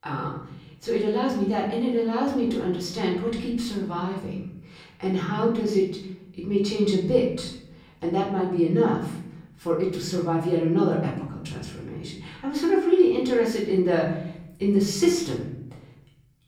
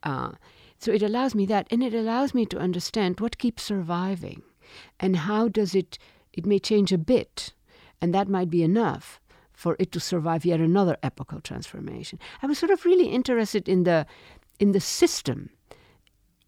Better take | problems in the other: second | room echo; noticeable; dies away in 0.7 s // off-mic speech; far

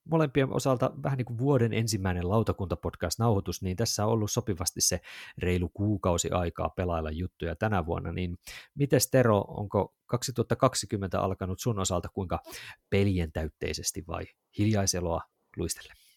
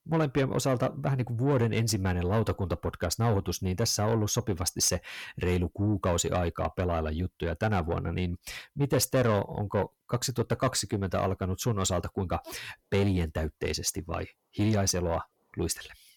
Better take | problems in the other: first | distortion; slight; 10 dB below the speech

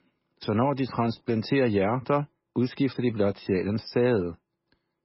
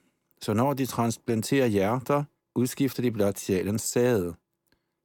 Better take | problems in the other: second | garbled, watery; badly; nothing above 5.5 kHz

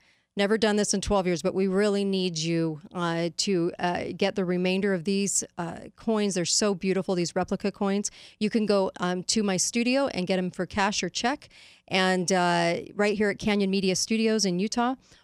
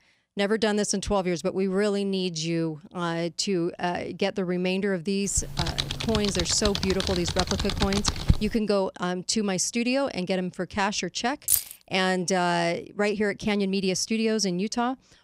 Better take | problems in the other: first | keyboard typing; loud; from 5.5 to 8.5 s; peak 1 dB above the speech // jangling keys; loud; at 11 s; peak 3 dB above the speech

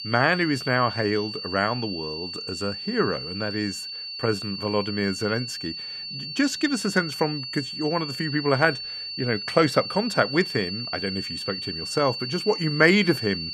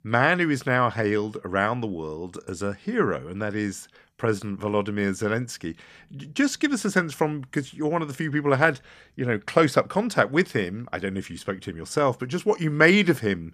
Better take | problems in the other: second | high-pitched whine; loud; throughout; 4.5 kHz, 6 dB below the speech

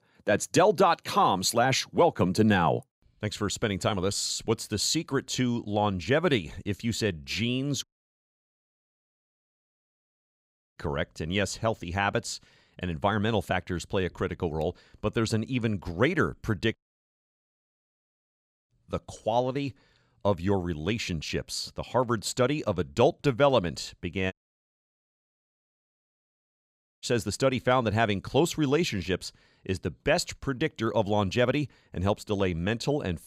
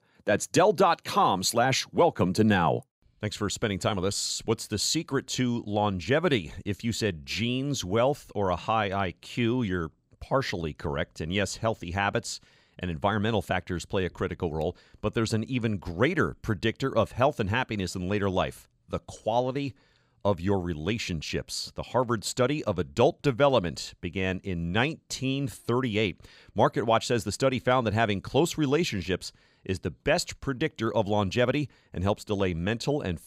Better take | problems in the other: second | audio cutting out; at 8 s for 3 s, at 17 s for 2 s and at 24 s for 2.5 s

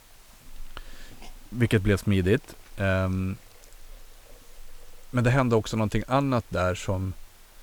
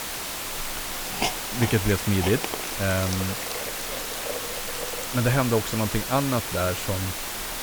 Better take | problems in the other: first | hiss; loud; throughout; 3 dB below the speech; faint in the first

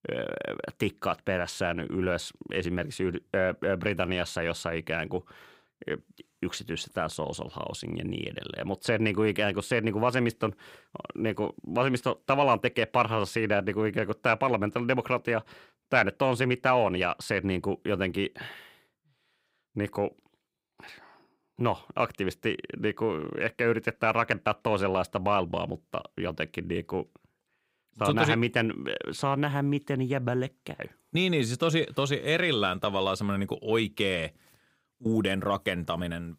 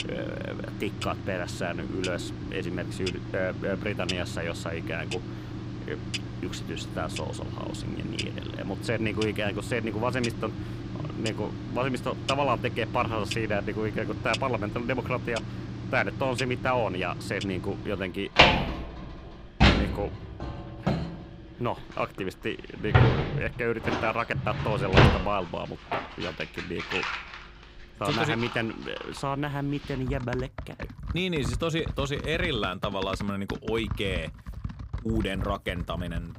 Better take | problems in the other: first | household noises; loud; throughout; as loud as the speech

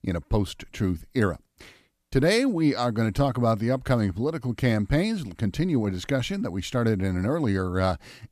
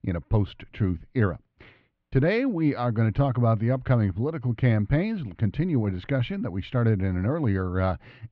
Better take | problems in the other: first | muffled; slightly; fading above 3 kHz

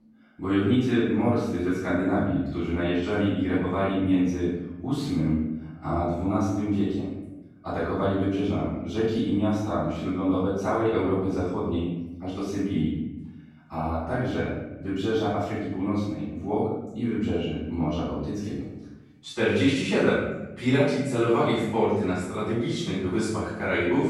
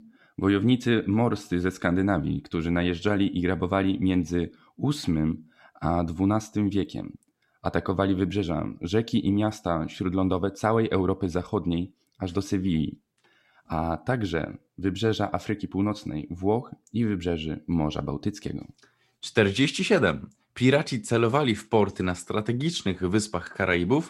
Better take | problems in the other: second | off-mic speech; far // room echo; strong; dies away in 0.9 s

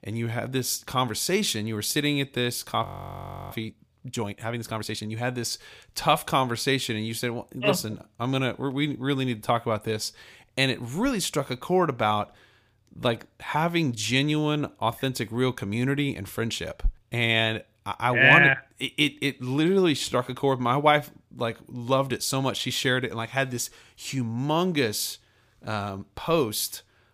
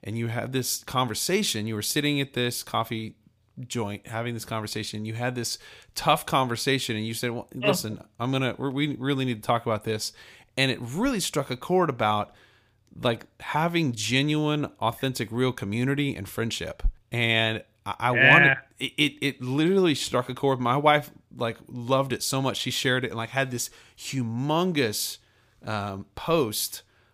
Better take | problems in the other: second | audio freezing; at 3 s for 0.5 s

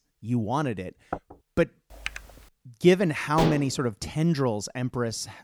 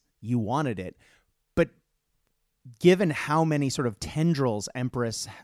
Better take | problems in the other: second | door banging; faint; at 1 s; peak 10 dB below the speech // keyboard typing; faint; at 2 s; peak 10 dB below the speech // clattering dishes; noticeable; at 3.5 s; peak 2 dB below the speech

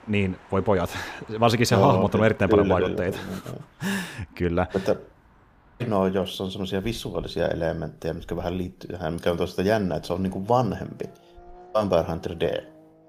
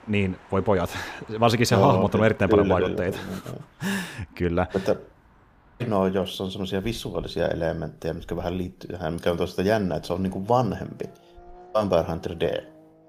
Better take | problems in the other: neither | traffic noise; faint; throughout; 25 dB below the speech; the same in both

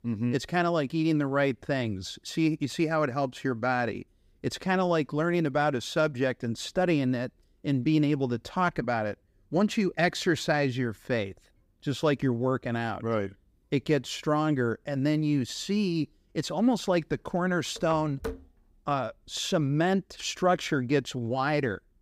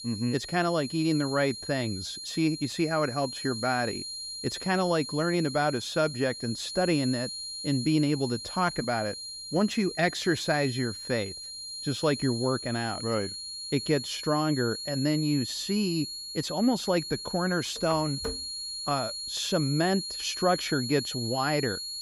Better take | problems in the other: first | high-pitched whine; loud; throughout; 4 kHz, 7 dB below the speech

